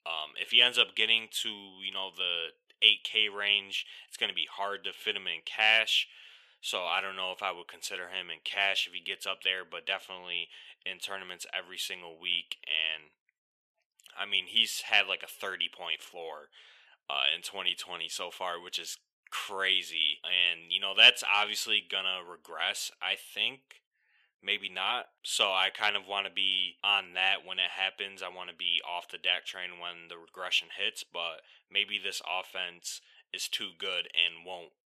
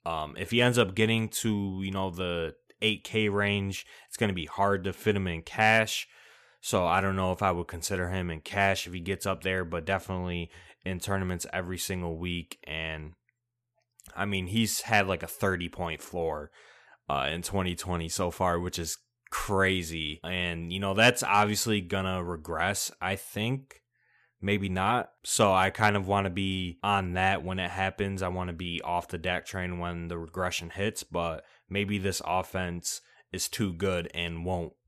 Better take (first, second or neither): second